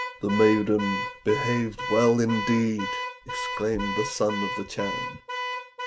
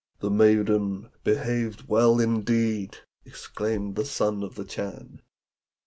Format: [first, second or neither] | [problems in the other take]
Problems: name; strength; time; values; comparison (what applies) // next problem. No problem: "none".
second | background sound (Alarm / Car); 6 dB below the speech